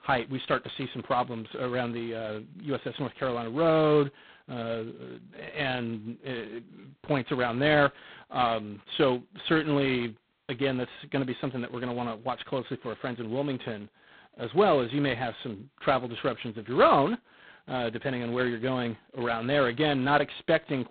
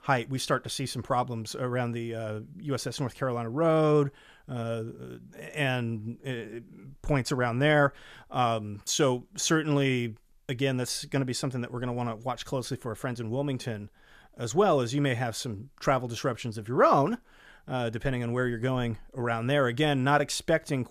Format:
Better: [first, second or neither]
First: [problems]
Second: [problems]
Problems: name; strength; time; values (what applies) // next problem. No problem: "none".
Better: second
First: phone-call audio; poor line; nothing above 4 kHz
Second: none